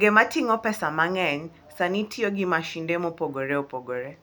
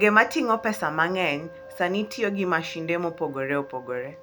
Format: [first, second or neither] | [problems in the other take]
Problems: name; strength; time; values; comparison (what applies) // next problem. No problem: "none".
first | background sound (Wind instrument, woodwind instrument); 18 dB below the speech